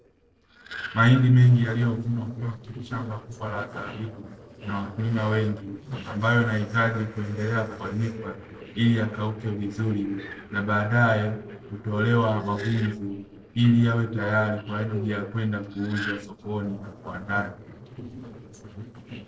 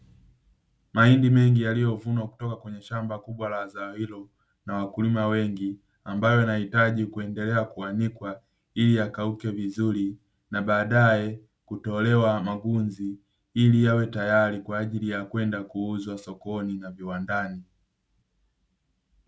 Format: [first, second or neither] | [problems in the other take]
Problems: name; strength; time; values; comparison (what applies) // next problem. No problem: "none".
second | noise reduction (neural separator model SepFormer DNS4)